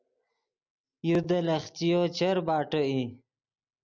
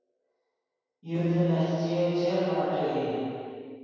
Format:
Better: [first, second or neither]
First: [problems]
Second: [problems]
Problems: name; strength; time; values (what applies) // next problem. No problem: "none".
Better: first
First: none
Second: room echo; dies away in 2.2 s